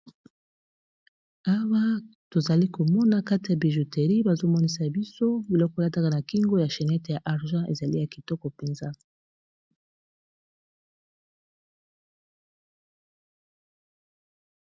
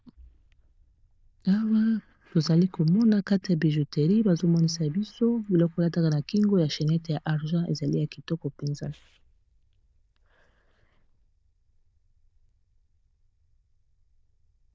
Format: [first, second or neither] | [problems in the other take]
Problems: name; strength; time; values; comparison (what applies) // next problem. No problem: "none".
first | noise reduction (neural diffusion model UNIVERSE++)